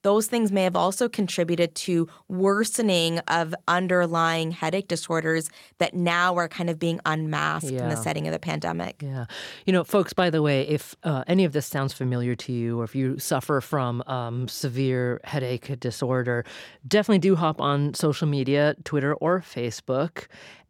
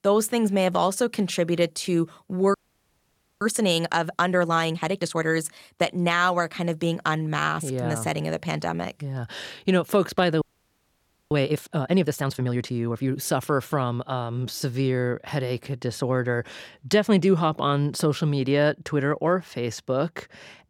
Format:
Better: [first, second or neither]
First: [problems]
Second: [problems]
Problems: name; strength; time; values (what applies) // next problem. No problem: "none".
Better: first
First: none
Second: audio freezing; at 2.5 s for 1 s and at 10 s for 1 s